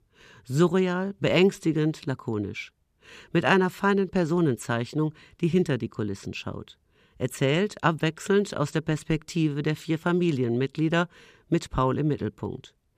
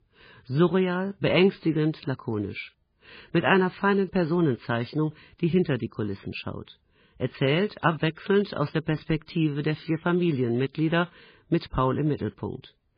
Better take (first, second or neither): first